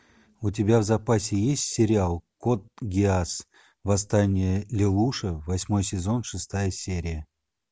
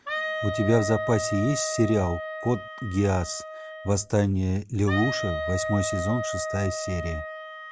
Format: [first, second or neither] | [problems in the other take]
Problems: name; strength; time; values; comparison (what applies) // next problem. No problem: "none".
first | background sound (Wind instrument, woodwind instrument); 6 dB below the speech